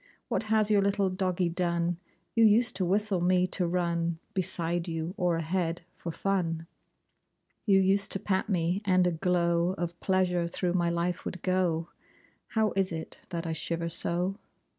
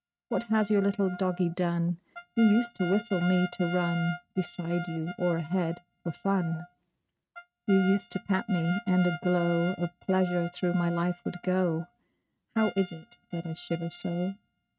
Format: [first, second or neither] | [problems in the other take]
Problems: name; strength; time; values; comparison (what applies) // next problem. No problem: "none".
first | noise reduction (neural mask model RNNoise)